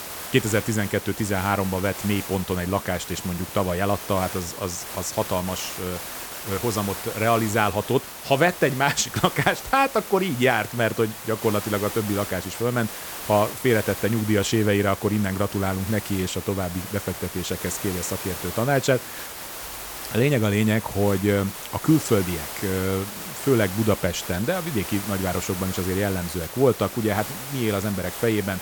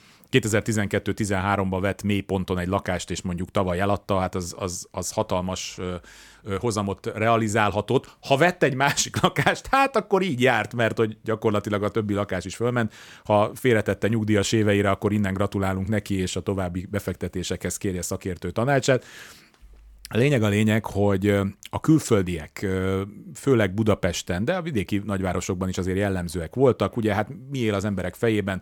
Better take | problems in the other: second | hiss; loud; throughout; 9 dB below the speech

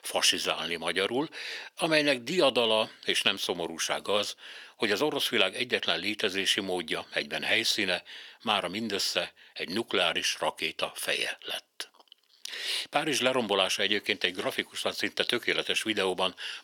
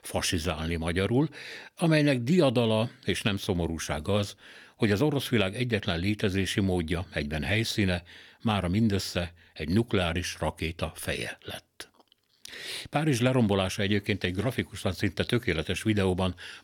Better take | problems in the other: second | thin; somewhat; fading below 450 Hz

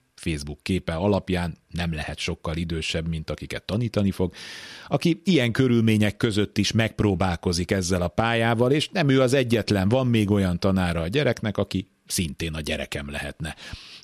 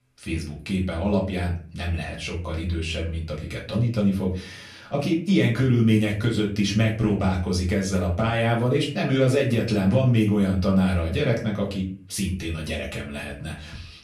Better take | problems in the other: first | room echo; slight; dies away in 0.4 s // off-mic speech; far

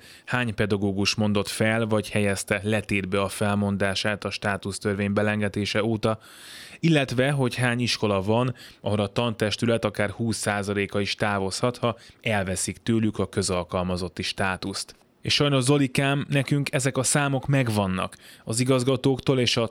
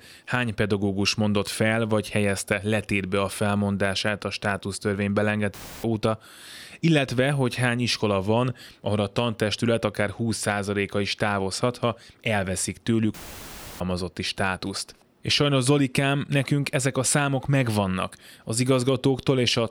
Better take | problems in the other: first | audio cutting out; filled with static; at 5.5 s and at 13 s for 0.5 s

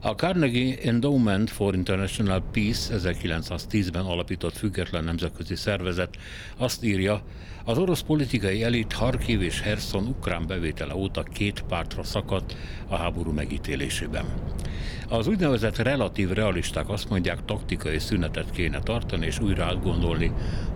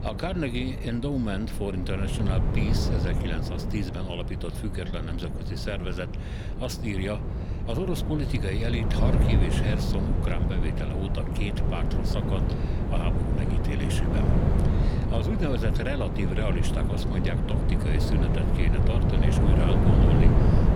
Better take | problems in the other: first | wind noise on the microphone; heavy; as loud as the speech; occasional gusts in the first

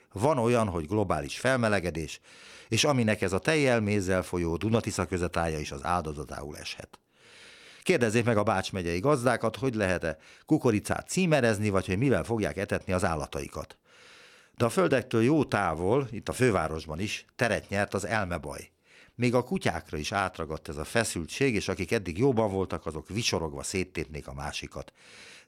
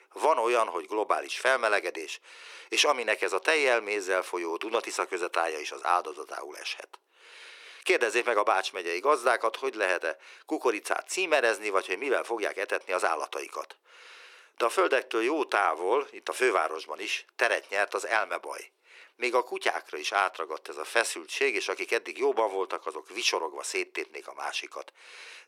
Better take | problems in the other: first | thin; very; fading below 350 Hz

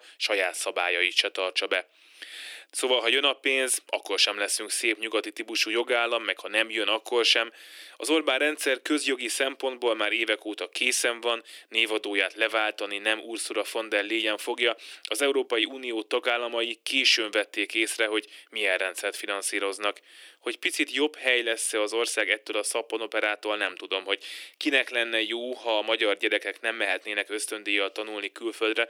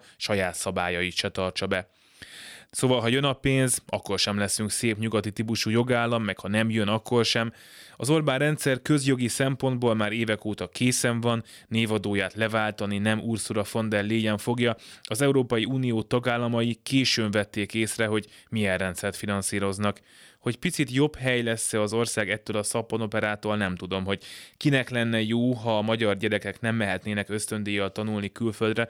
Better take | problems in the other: second | thin; very; fading below 300 Hz

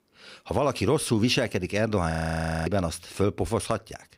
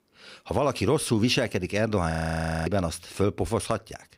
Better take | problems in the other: neither | audio freezing; at 2 s for 0.5 s; the same in both

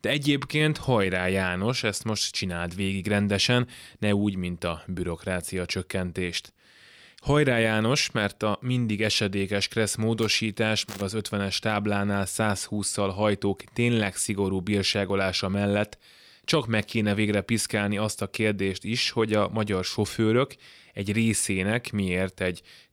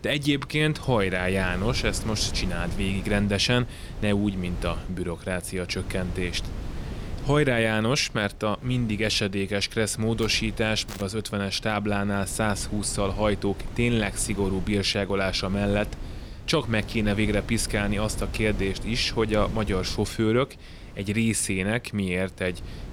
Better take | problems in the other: first | wind noise on the microphone; occasional gusts; 20 dB below the speech

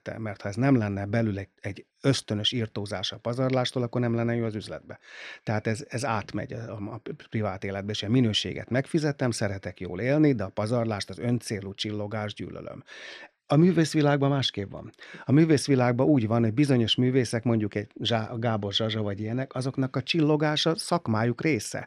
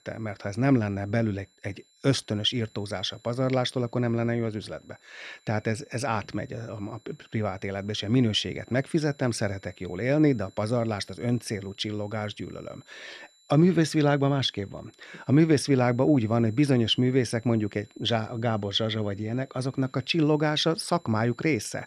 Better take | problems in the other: first | high-pitched whine; faint; throughout; 4 kHz, 30 dB below the speech

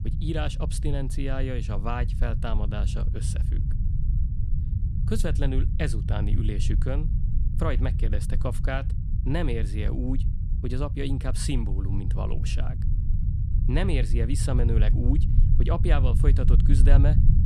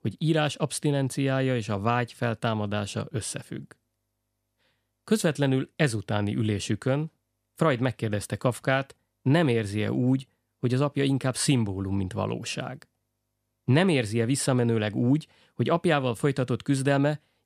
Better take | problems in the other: second | low rumble; loud; throughout; 8 dB below the speech

